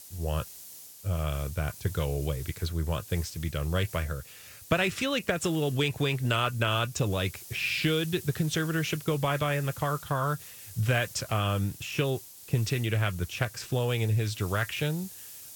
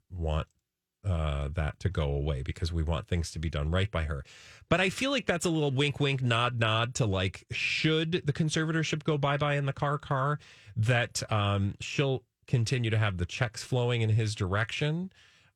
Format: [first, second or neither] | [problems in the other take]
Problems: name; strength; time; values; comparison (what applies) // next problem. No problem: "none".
second | hiss; noticeable; throughout; 15 dB below the speech